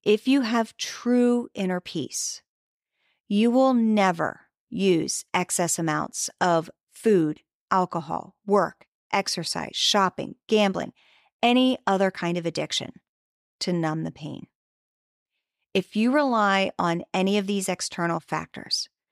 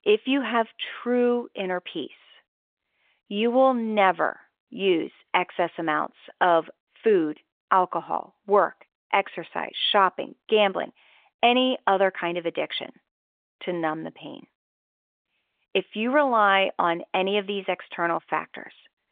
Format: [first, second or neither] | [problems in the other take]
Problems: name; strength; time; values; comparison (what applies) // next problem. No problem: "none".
first | phone-call audio; nothing above 3.5 kHz